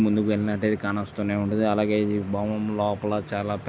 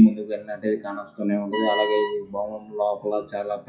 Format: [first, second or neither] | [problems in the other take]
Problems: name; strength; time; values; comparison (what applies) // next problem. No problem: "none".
first | noise reduction (classical method WPE with log-MMSE)